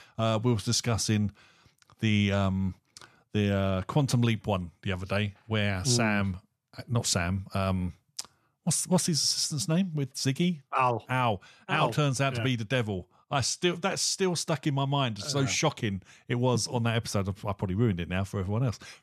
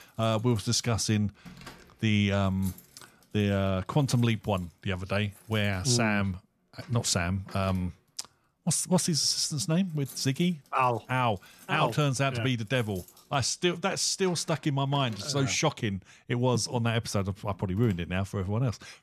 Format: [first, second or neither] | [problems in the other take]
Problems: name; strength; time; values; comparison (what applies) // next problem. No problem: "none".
first | household noises; faint; throughout; 25 dB below the speech